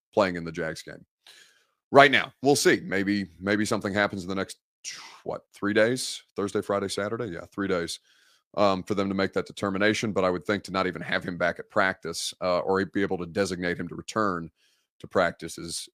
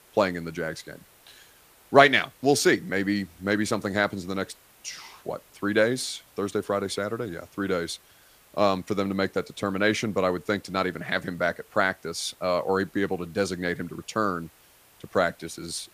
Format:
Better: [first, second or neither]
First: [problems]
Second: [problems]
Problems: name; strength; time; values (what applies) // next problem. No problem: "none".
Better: first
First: none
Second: hiss; faint; throughout; 30 dB below the speech